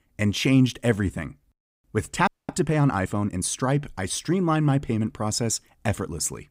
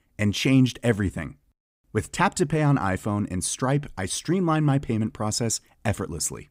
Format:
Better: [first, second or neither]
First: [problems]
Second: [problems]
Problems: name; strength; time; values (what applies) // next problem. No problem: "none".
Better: second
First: audio freezing; at 2.5 s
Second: none